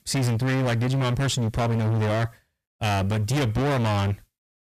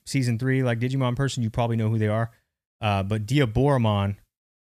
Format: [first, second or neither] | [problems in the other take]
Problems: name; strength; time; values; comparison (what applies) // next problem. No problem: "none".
second | distortion; heavy; 37% of the sound clipped